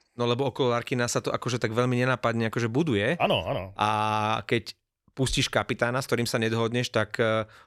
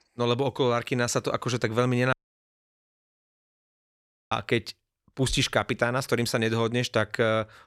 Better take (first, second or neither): first